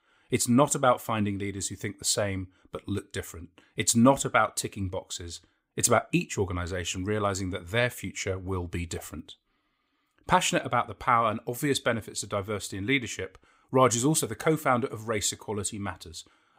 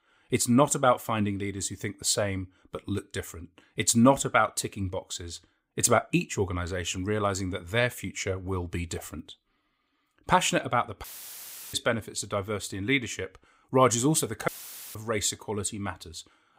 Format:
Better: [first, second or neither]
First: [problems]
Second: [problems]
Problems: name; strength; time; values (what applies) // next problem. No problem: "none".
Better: first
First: none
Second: audio cutting out; filled with static; at 11 s for 0.5 s and at 14 s